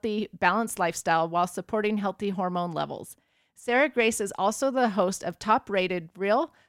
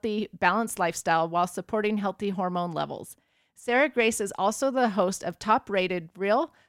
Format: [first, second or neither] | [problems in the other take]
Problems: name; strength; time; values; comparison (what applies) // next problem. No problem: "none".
neither | none